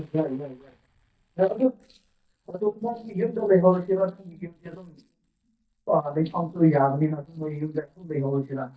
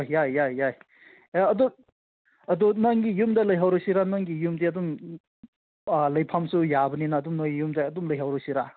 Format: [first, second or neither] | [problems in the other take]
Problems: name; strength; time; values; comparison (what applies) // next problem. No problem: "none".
second | noise reduction (neural mask model DeepFilterNet 3)